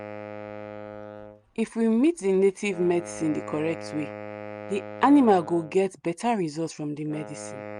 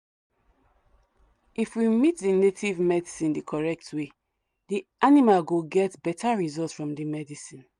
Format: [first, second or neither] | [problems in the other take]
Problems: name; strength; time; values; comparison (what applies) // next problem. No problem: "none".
second | background sound (Wind instrument, woodwind instrument); 14 dB below the speech